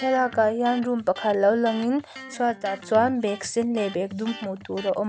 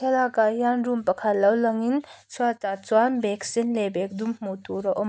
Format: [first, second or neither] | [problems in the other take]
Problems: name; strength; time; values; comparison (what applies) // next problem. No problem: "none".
second | background sound (Electric guitar); 17 dB below the speech